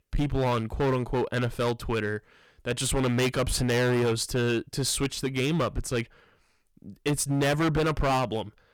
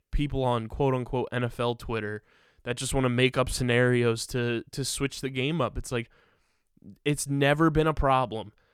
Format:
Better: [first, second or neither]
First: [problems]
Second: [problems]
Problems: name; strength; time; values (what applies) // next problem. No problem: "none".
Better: second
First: distortion; heavy; 14% of the sound clipped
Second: none